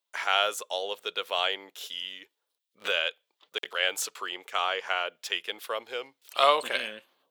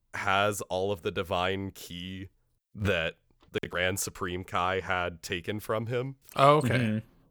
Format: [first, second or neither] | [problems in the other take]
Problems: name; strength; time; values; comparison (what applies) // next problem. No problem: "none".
second | thin; very; fading below 500 Hz